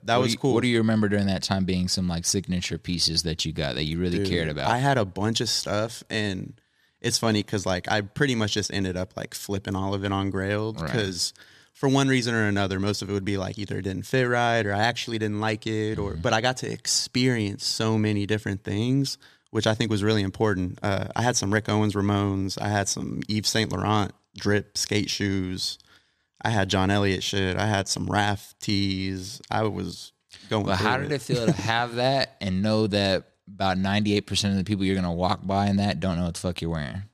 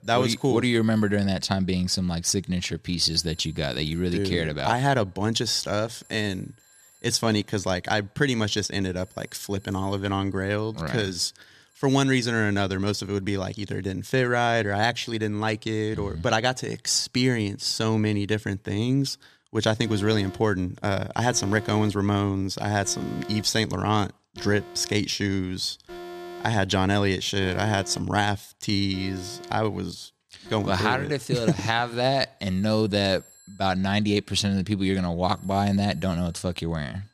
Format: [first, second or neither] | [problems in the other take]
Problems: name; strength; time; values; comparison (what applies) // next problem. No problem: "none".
first | alarms or sirens; noticeable; throughout; 20 dB below the speech